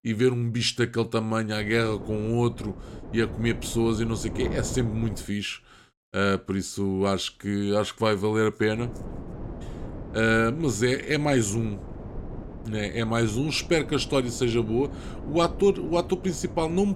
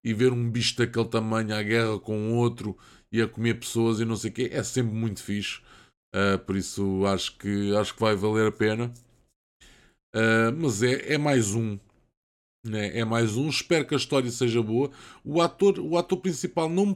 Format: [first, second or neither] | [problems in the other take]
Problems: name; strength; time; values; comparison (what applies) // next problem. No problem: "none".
second | wind noise on the microphone; occasional gusts; from 1.5 to 5.5 s and from 8.5 s on; 15 dB below the speech